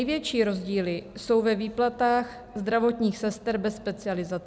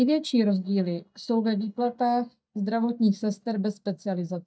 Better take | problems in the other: first | noise reduction (neural mask model DeepFilterNet 3)

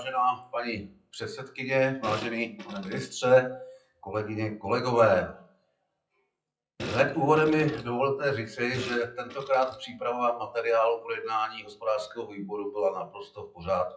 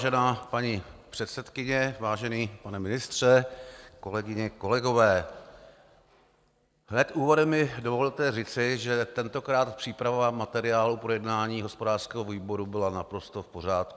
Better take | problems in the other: second | noise reduction (classical method WPE with log-MMSE)

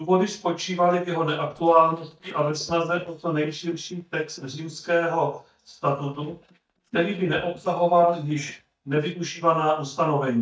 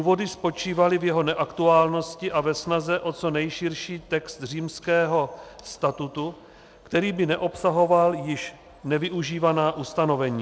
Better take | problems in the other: second | noise reduction (neural mask model DeepFilterNet 3)

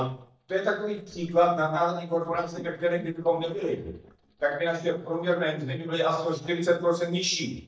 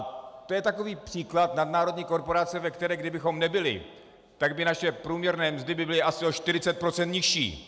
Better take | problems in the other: second | noise reduction (neural mask model DeepFilterNet 3)

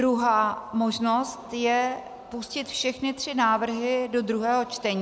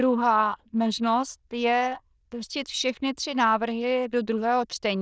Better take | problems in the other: first | noise reduction (neural diffusion model UNIVERSE++)

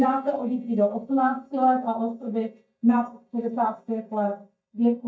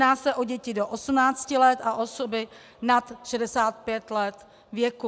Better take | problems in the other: second | noise reduction (neural mask model DeepFilterNet 3)

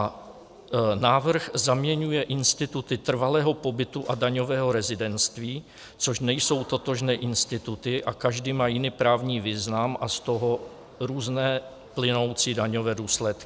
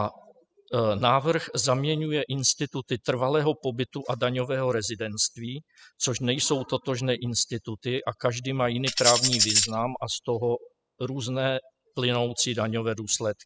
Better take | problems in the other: first | noise reduction (classical method spectral subtraction)

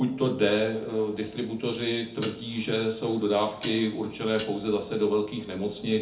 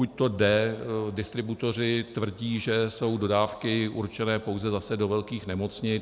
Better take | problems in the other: second | background sound (Dishes, pots, and pans); 17 dB below the speech // room echo; dies away in 0.3 s

